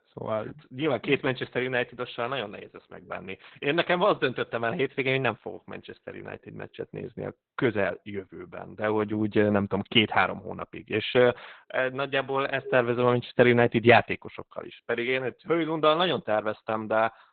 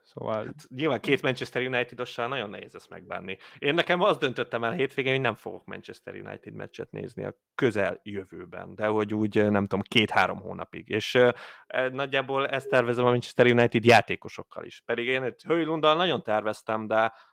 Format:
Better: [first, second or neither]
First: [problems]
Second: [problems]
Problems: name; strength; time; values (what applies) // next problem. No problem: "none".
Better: second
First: garbled, watery; badly; nothing above 3.5 kHz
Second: garbled, watery; slightly; nothing above 17 kHz